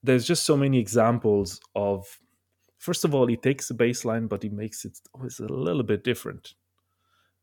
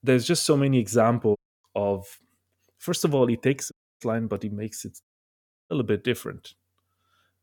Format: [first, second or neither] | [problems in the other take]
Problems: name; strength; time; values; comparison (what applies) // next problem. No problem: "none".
first | audio cutting out; at 1.5 s, at 3.5 s and at 5 s for 0.5 s